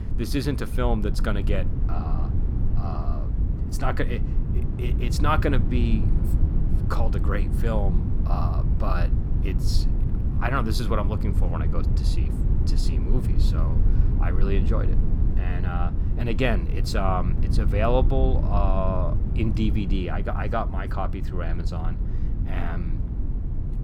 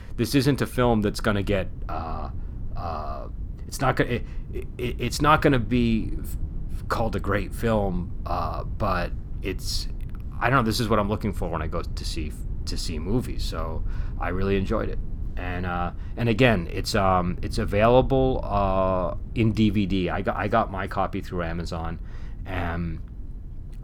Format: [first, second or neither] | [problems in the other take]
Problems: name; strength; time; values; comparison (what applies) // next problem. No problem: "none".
second | low rumble; loud; throughout; 9 dB below the speech; faint in the second